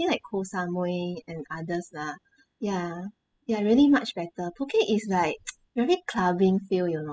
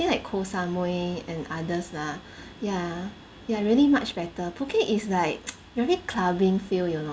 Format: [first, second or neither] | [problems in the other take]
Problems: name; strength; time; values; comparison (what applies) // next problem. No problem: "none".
second | noise reduction (classical method spectral subtraction)